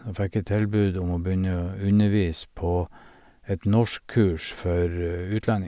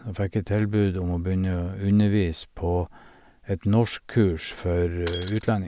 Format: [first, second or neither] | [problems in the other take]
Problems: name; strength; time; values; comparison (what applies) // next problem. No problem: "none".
first | background sound (Shatter); 14 dB below the speech